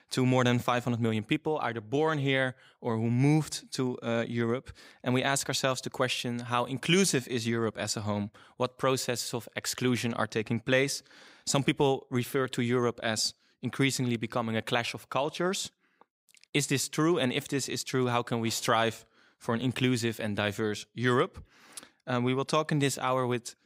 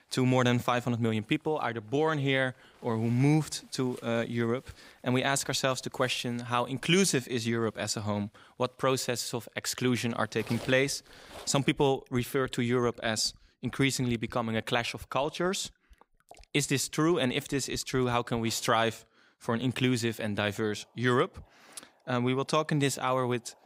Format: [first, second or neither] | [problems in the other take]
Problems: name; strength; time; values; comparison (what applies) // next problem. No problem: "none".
first | household noises; faint; throughout; 25 dB below the speech